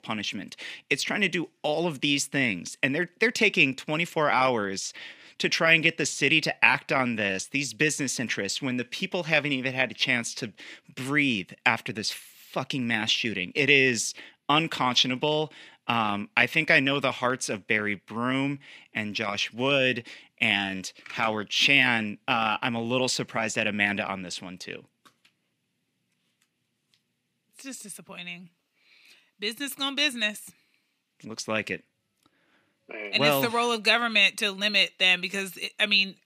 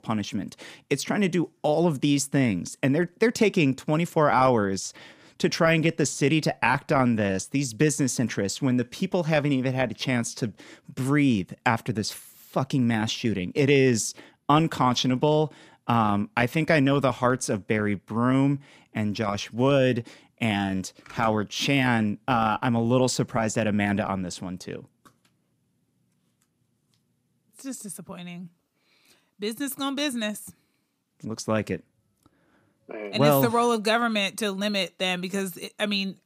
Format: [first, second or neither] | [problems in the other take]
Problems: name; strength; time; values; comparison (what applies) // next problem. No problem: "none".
second | thin; very slightly; fading below 450 Hz